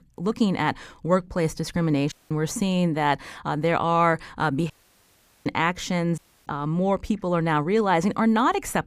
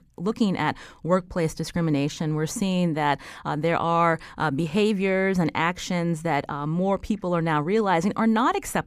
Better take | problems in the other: second | audio cutting out; at 2 s, at 4.5 s for 1 s and at 6 s

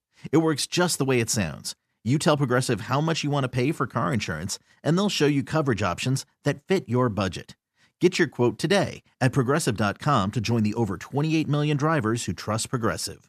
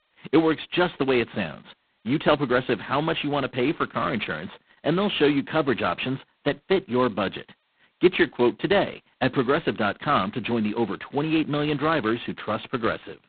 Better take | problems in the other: first | phone-call audio; poor line; nothing above 4 kHz

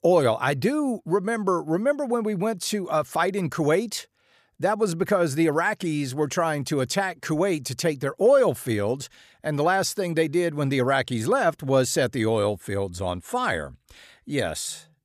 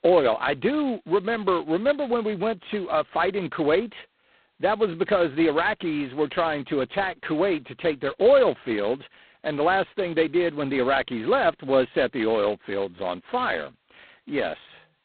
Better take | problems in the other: first | phone-call audio; poor line; nothing above 4 kHz

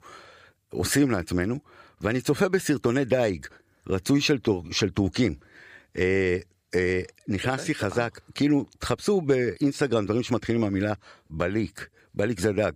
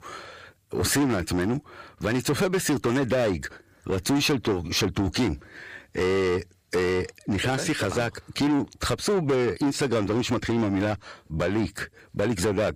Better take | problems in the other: first | distortion; heavy; 7 dB below the speech

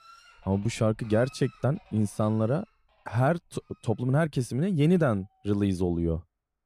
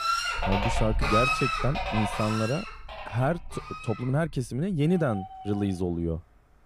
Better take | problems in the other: first | animal sounds; loud; throughout; 1 dB below the speech; faint in the first

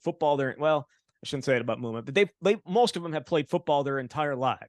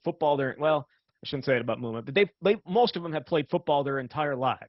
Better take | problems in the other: first | garbled, watery; badly; nothing above 5.5 kHz

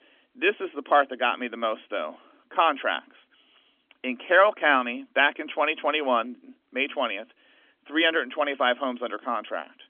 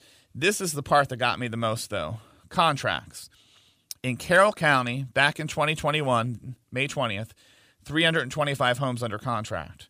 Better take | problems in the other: second | phone-call audio; nothing above 3.5 kHz

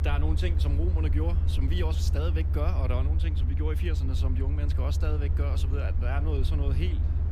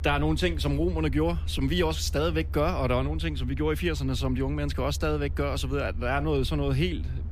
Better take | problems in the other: second | low rumble; loud; throughout; 6 dB below the speech; faint in the second

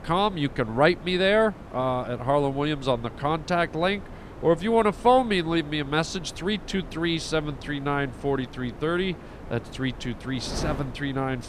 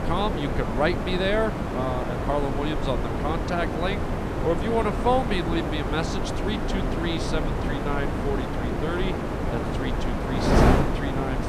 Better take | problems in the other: first | wind noise on the microphone; heavy; 1 dB below the speech; occasional gusts in the first

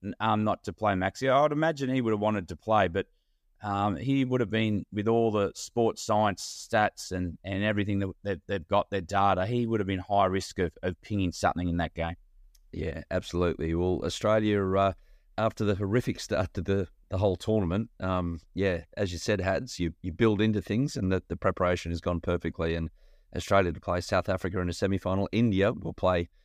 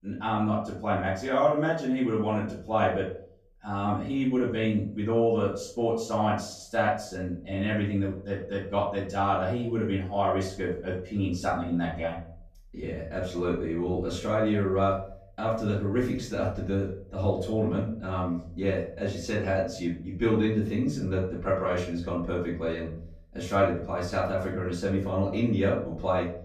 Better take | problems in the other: first | off-mic speech; far // room echo; noticeable; dies away in 0.4 s

